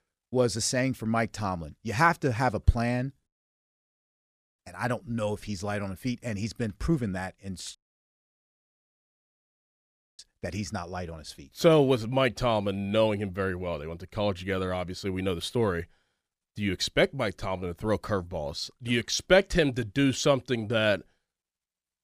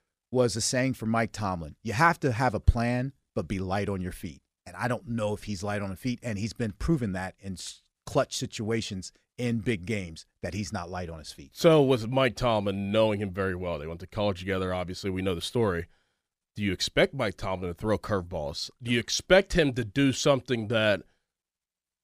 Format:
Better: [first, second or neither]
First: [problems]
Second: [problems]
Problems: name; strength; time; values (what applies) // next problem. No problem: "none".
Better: second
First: audio cutting out; at 3.5 s for 1.5 s and at 8 s for 2.5 s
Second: none